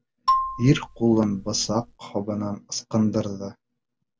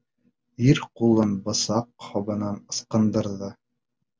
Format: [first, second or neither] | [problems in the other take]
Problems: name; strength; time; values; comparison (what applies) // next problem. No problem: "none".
second | background sound (Marimba, xylophone); 3 dB below the speech